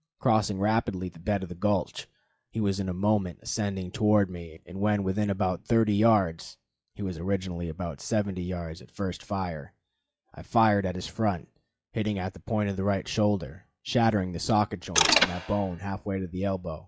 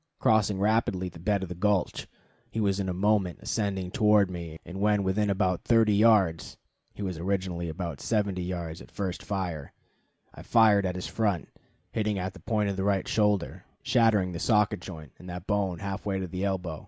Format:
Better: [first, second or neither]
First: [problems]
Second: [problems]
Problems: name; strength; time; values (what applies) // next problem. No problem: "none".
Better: second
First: noise reduction (classical method log-MMSE)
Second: none